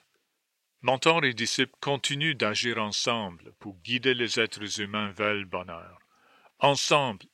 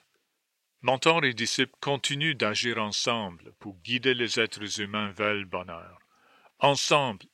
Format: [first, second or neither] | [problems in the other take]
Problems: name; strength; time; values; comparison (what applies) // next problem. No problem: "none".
neither | thin; somewhat; fading below 450 Hz; the same in both